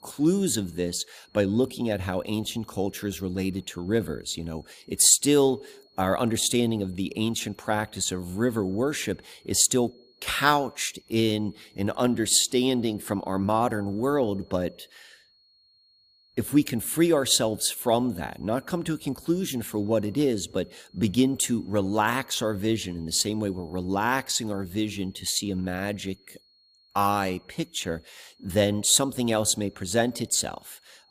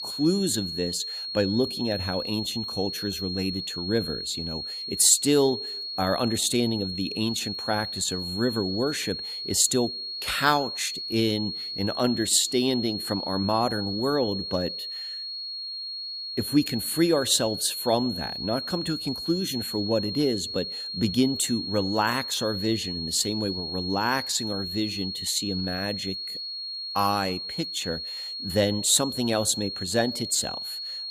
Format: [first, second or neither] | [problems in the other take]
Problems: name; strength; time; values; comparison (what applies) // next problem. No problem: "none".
first | high-pitched whine; loud; throughout; 4.5 kHz, 5 dB below the speech; faint in the first